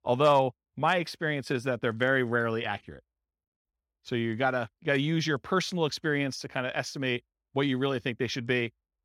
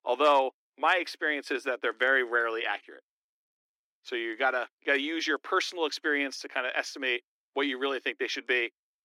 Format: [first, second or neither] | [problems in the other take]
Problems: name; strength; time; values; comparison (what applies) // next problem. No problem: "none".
first | thin; somewhat; fading below 300 Hz